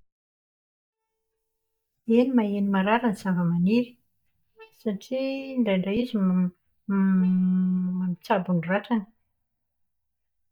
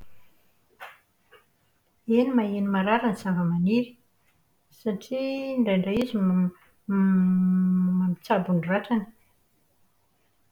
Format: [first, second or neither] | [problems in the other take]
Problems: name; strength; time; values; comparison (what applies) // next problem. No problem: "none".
second | noise reduction (neural mask model DeepFilterNet 3)